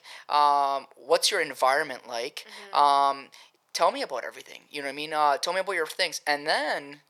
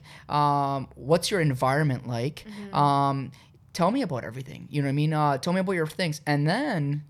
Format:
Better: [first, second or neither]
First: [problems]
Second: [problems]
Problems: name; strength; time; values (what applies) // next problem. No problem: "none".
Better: second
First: thin; very; fading below 500 Hz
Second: none